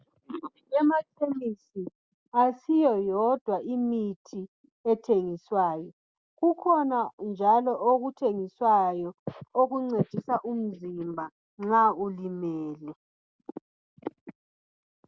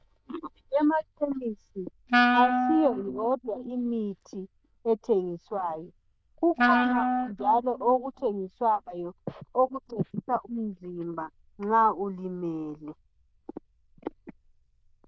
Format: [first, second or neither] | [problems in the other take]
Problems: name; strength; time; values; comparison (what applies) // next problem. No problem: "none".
first | noise reduction (neural diffusion model UNIVERSE++)